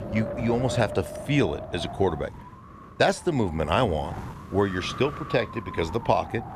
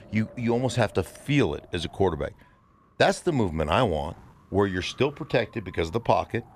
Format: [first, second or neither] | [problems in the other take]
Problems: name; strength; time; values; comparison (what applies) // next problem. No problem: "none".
second | wind noise on the microphone; heavy; 10 dB below the speech; occasional gusts in the second